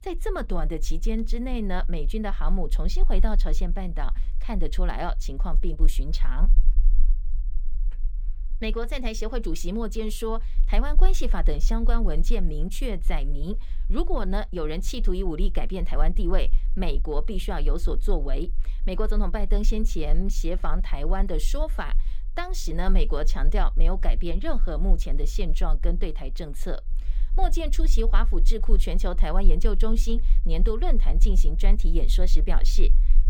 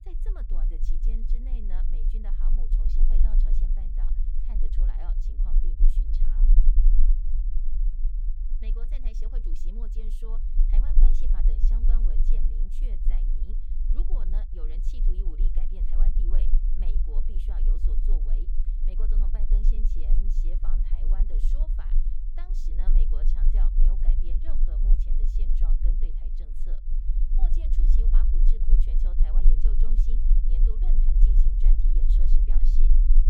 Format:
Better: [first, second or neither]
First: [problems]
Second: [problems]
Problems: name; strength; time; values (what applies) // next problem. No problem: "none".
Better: first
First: low rumble; faint; throughout; 20 dB below the speech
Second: low rumble; loud; throughout; as loud as the speech